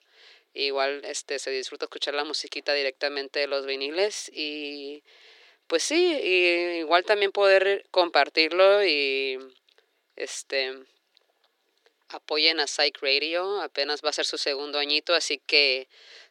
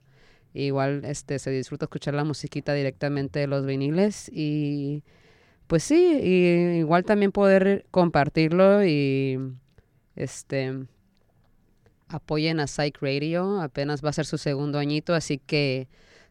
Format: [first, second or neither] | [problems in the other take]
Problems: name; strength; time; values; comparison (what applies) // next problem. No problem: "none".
second | thin; very; fading below 350 Hz